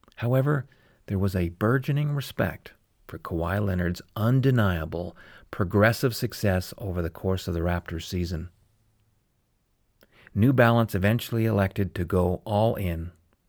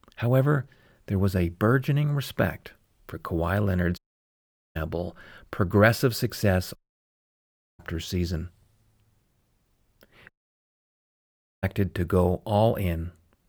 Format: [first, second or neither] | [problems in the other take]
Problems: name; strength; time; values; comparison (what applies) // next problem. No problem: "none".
first | audio cutting out; at 4 s for 1 s, at 7 s for 1 s and at 10 s for 1.5 s